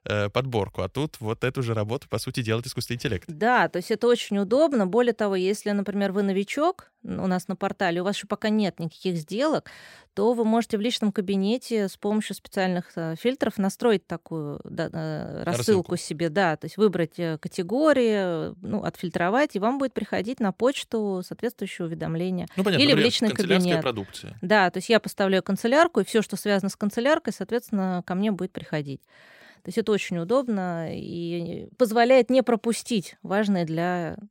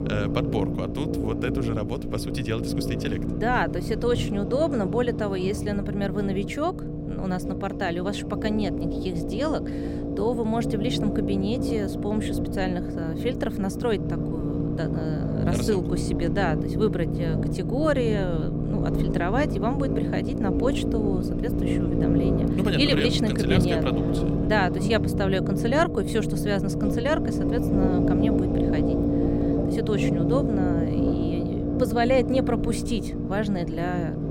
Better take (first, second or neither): first